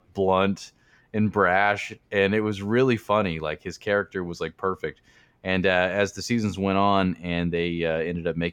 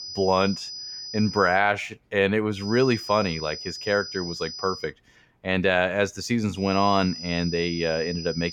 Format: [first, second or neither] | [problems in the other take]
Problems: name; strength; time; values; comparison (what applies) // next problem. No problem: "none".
first | high-pitched whine; loud; until 1.5 s, from 2.5 to 5 s and from 6.5 s on; 5 kHz, 10 dB below the speech